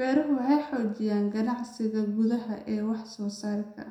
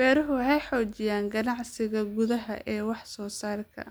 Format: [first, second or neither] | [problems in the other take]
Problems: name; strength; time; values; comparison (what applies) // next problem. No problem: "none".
second | room echo; dies away in 0.6 s